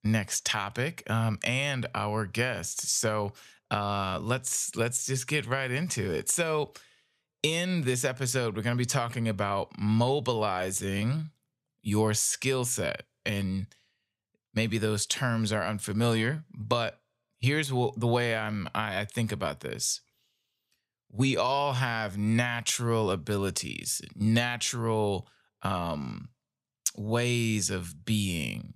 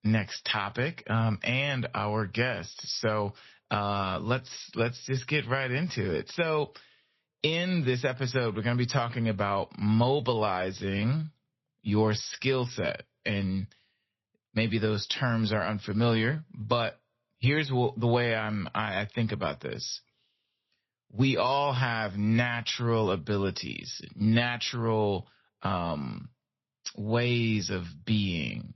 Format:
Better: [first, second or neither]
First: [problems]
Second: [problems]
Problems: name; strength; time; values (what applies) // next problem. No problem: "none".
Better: first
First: none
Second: garbled, watery; slightly; nothing above 5.5 kHz